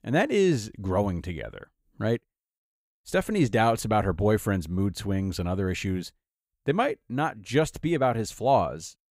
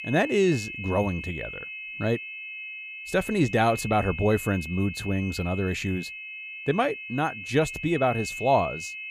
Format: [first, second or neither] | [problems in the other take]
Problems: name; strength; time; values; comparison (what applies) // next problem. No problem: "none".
first | high-pitched whine; loud; throughout; 2.5 kHz, 9 dB below the speech